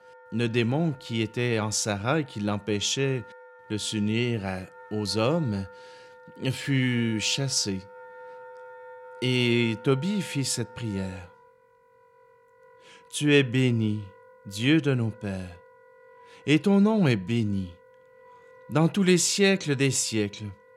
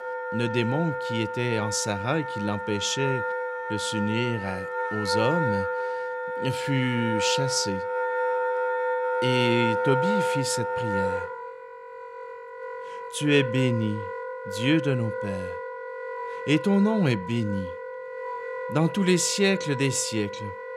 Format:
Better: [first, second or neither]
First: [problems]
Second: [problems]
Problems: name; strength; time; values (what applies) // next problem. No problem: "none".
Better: first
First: background music; faint; throughout; 25 dB below the speech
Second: background music; loud; throughout; 4 dB below the speech